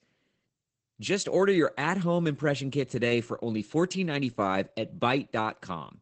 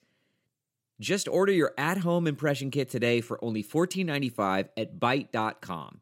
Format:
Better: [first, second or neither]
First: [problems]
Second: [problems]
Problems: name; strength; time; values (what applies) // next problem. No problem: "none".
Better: second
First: garbled, watery; badly; nothing above 8 kHz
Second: none